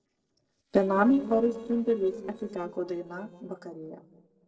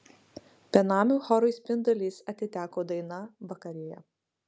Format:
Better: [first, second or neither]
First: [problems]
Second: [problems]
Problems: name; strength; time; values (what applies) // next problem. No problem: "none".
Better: second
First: noise reduction (neural separator model SepFormer DNS4)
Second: none